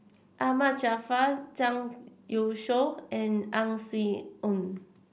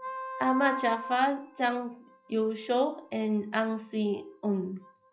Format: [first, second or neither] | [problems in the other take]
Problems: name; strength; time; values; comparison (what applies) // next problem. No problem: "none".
first | noise reduction (classical method log-MMSE)